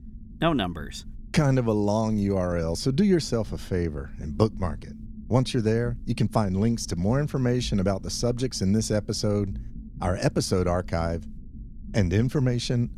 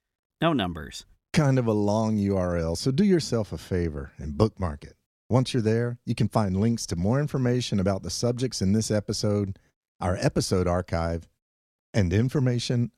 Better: second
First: low rumble; faint; throughout; 25 dB below the speech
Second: none

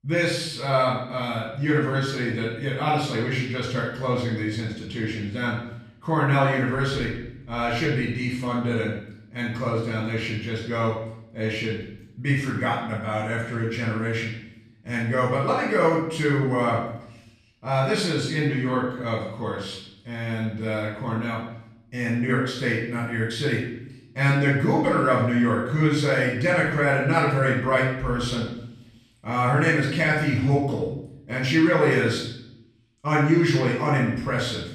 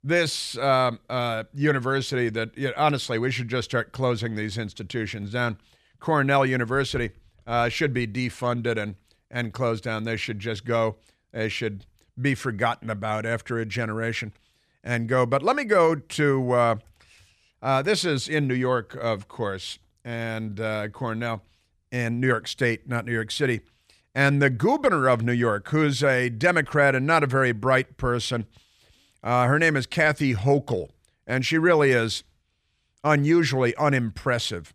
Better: second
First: off-mic speech; far // room echo; noticeable; dies away in 0.7 s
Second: none

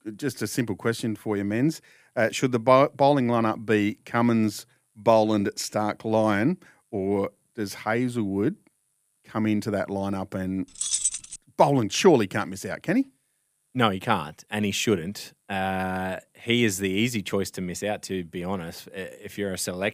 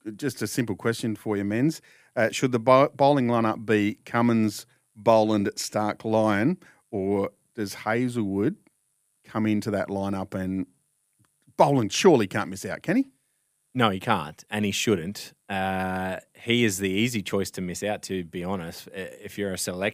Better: second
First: jangling keys; loud; at 11 s; peak 2 dB above the speech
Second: none

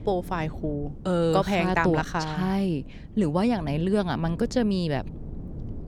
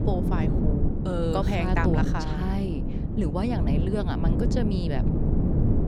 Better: first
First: wind noise on the microphone; occasional gusts; 20 dB below the speech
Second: wind noise on the microphone; heavy; 3 dB below the speech

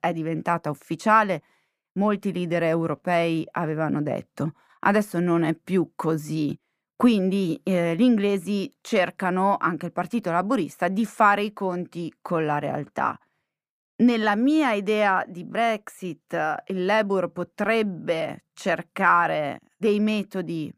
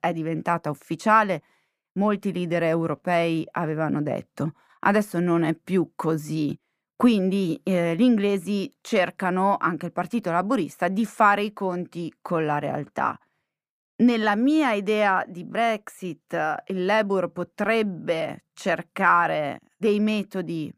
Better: neither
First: muffled; slightly; fading above 2.5 kHz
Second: muffled; slightly; fading above 2.5 kHz

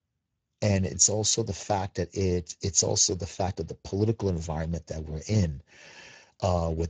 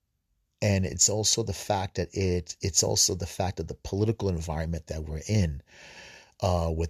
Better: second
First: garbled, watery; badly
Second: none

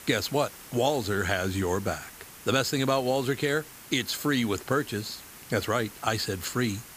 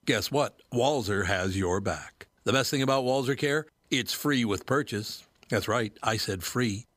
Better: second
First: hiss; noticeable; throughout; 15 dB below the speech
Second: none

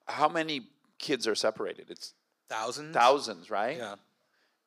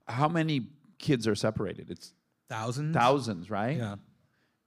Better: second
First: thin; somewhat; fading below 500 Hz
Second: none

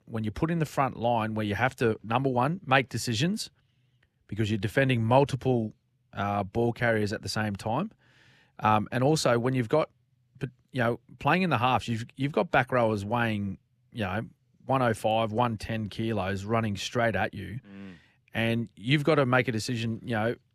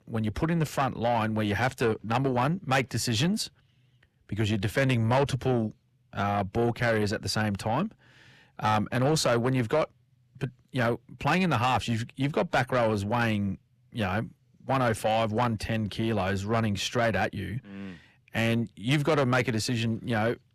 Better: first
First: none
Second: distortion; slight; 10 dB below the speech

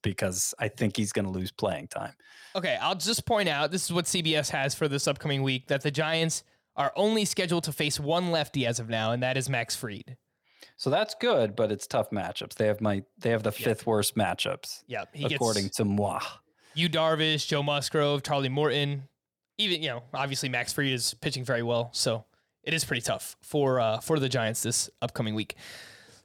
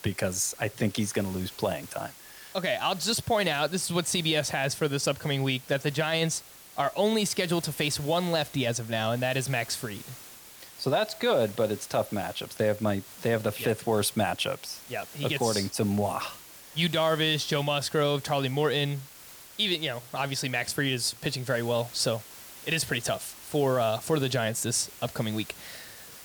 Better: first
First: none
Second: hiss; noticeable; throughout; 15 dB below the speech

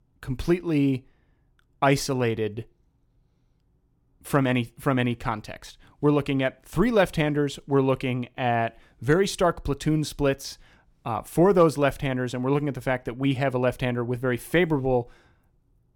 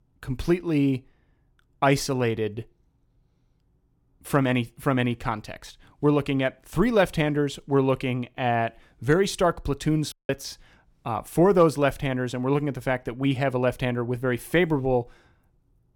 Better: first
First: none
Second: audio cutting out; at 10 s

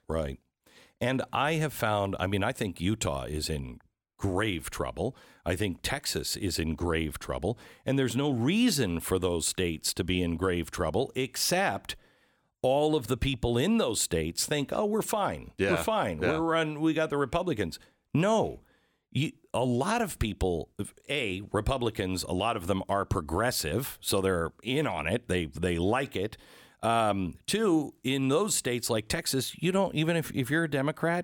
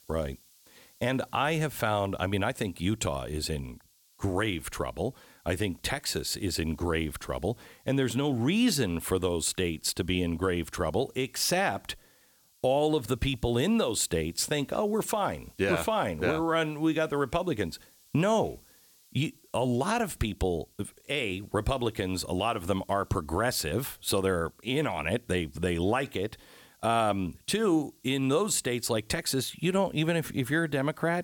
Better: first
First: none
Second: hiss; faint; throughout; 30 dB below the speech

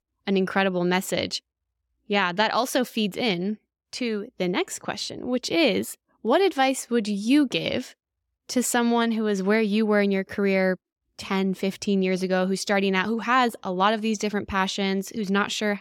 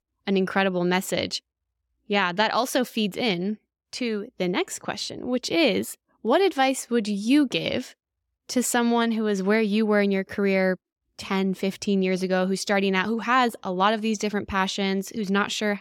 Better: neither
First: none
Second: none

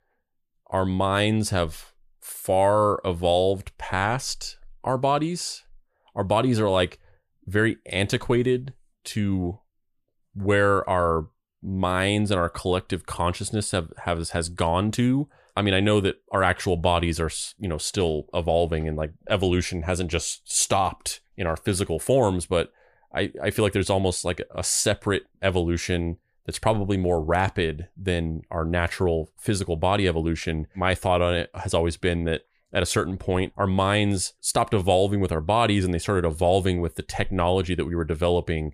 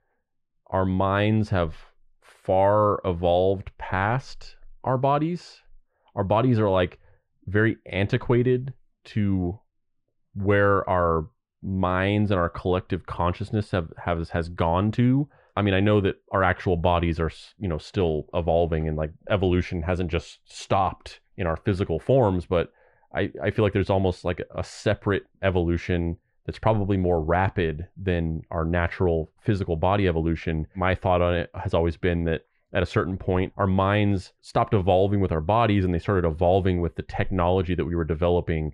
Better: first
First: none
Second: muffled; very; fading above 2.5 kHz

